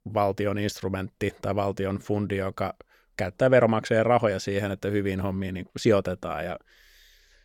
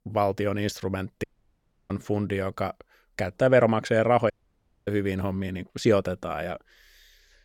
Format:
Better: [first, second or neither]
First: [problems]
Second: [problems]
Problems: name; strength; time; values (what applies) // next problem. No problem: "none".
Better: first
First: none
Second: audio cutting out; at 1 s for 0.5 s and at 4.5 s for 0.5 s